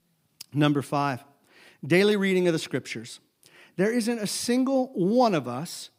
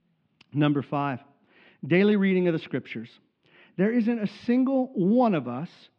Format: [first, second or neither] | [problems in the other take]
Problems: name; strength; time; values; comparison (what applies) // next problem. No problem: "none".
first | muffled; very; fading above 3 kHz